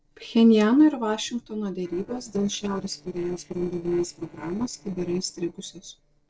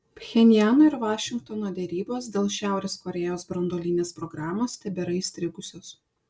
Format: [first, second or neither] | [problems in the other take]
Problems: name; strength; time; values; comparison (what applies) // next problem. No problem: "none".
second | noise reduction (neural separator model SepFormer DNS4)